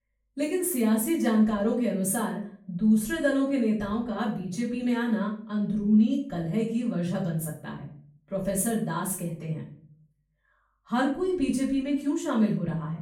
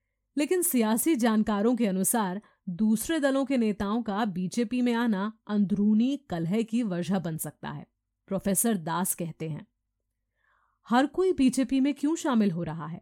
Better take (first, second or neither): second